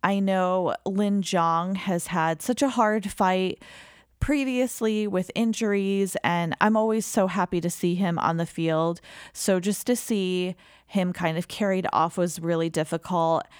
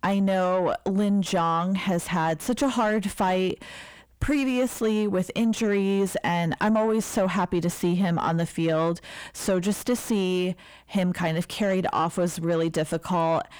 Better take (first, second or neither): first